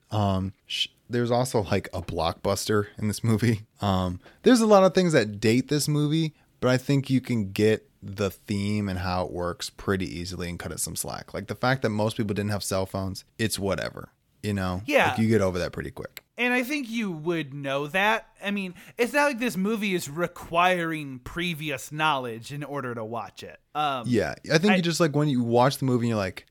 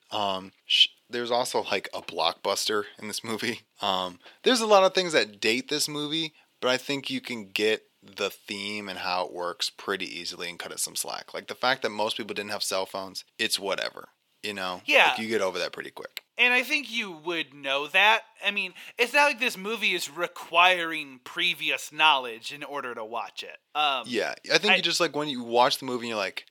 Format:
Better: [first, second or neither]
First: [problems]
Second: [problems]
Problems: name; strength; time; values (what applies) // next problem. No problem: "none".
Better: first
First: none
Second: thin; somewhat; fading below 400 Hz